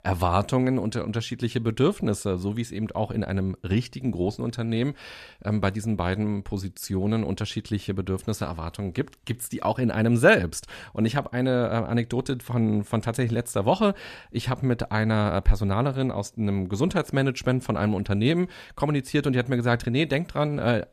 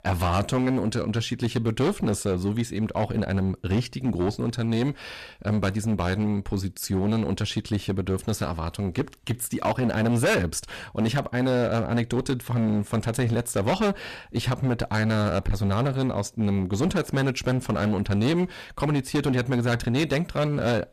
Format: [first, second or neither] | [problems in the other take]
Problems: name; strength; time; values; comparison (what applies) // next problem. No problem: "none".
first | distortion; heavy; 12% of the sound clipped